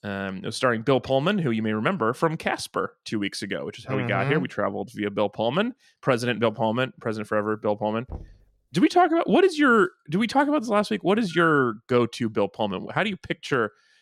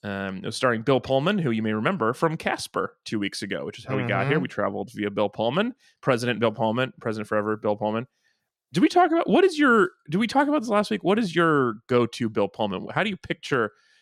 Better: second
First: door banging; faint; at 8 s; peak 15 dB below the speech // phone ringing; noticeable; at 11 s; peak 3 dB below the speech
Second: none

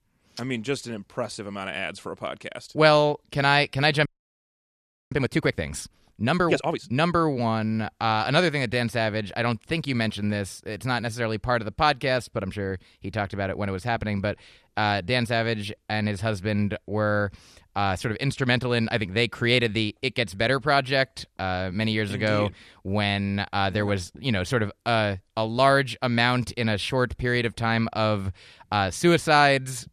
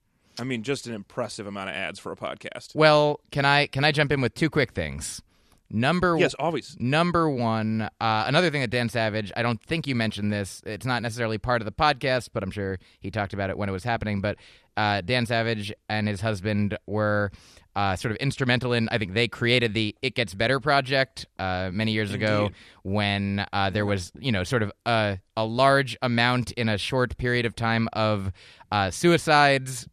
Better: second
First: audio freezing; at 4 s for 1 s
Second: none

